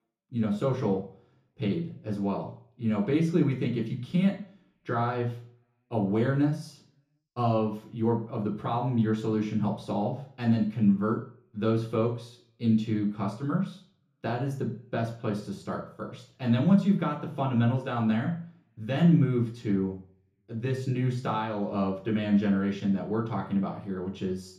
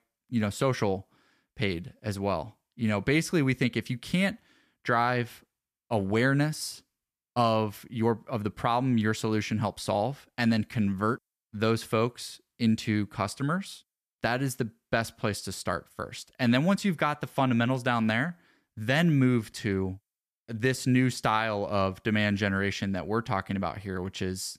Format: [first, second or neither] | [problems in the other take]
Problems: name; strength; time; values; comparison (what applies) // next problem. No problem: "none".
second | room echo; noticeable; dies away in 0.7 s // off-mic speech; far